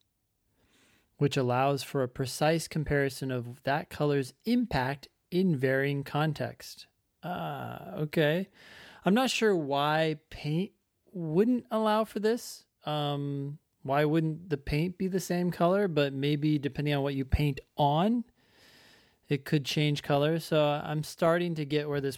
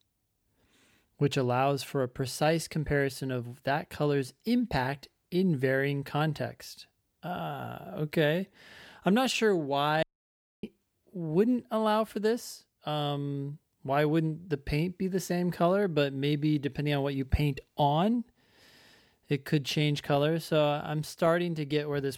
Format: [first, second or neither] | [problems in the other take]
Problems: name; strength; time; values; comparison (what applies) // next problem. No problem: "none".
first | audio cutting out; at 10 s for 0.5 s